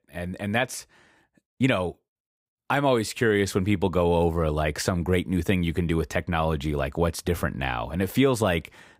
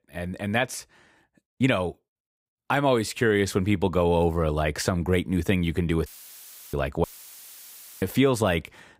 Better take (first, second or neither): first